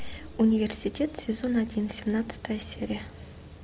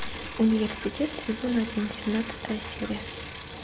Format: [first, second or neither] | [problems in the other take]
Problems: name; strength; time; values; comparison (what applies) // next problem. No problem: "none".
first | background sound (Bicycle); 10 dB below the speech